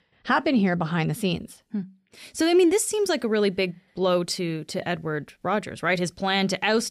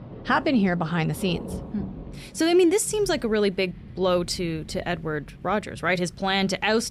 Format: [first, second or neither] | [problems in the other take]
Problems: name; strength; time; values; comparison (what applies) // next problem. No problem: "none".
first | rain or running water; noticeable; throughout; 15 dB below the speech